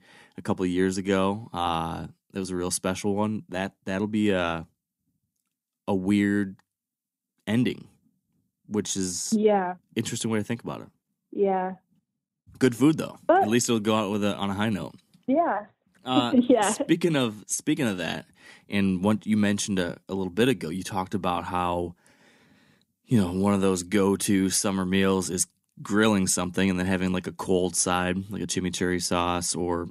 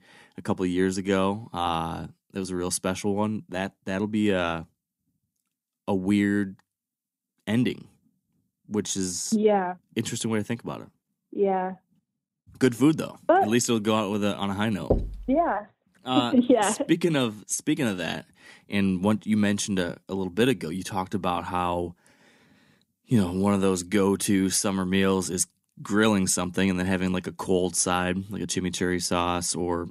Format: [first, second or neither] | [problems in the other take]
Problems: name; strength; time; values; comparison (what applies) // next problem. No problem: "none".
first | door banging; noticeable; at 15 s; peak 2 dB below the speech